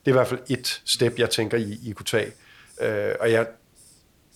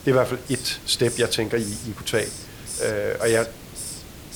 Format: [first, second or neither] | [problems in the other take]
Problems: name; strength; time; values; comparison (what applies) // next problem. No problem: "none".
first | hiss; loud; throughout; 10 dB below the speech; faint in the first